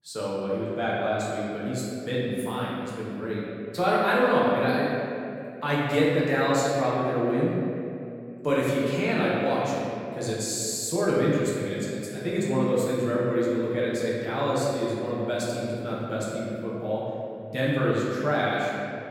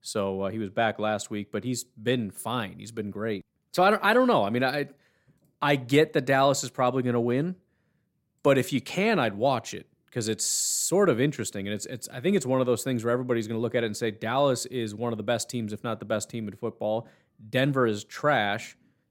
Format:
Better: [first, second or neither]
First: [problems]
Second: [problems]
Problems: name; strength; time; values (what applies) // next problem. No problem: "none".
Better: second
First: room echo; strong; dies away in 2.4 s // off-mic speech; far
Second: none